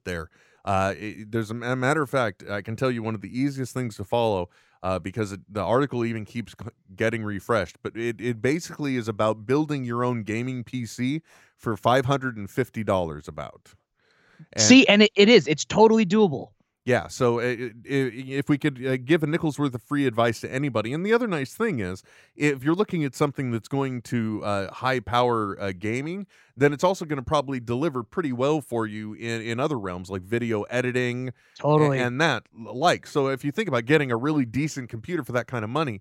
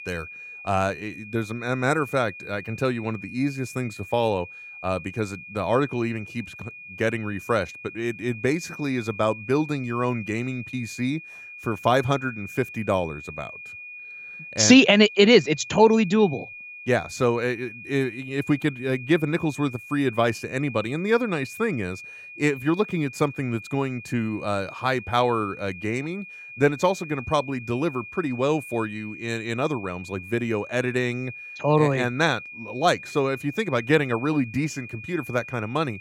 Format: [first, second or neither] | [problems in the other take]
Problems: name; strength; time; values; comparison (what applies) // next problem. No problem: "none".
first | high-pitched whine; noticeable; throughout; 2.5 kHz, 15 dB below the speech